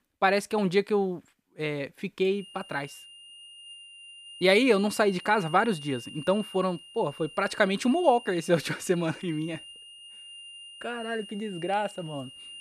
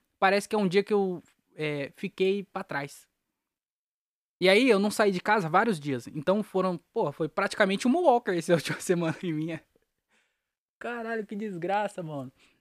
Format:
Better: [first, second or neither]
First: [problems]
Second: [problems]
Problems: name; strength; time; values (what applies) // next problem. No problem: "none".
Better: second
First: high-pitched whine; noticeable; from 2.5 s on; 3 kHz, 15 dB below the speech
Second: none